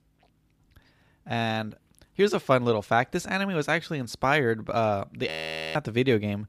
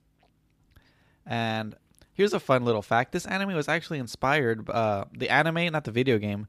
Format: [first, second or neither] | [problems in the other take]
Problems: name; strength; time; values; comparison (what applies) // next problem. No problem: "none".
second | audio freezing; at 5.5 s